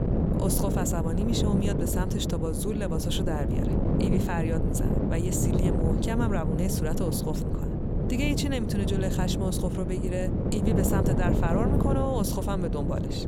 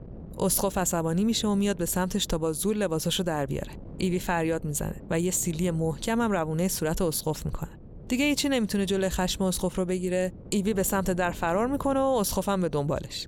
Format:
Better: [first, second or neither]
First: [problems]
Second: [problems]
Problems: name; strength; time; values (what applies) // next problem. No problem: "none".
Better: second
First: wind noise on the microphone; heavy; 1 dB below the speech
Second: wind noise on the microphone; occasional gusts; 25 dB below the speech